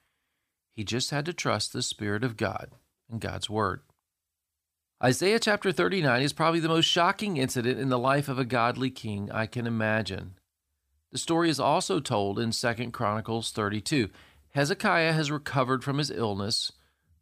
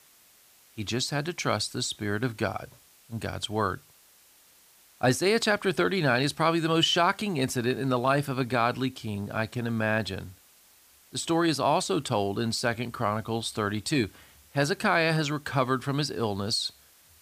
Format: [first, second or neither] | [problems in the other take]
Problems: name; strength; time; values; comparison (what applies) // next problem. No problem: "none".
first | hiss; faint; throughout; 30 dB below the speech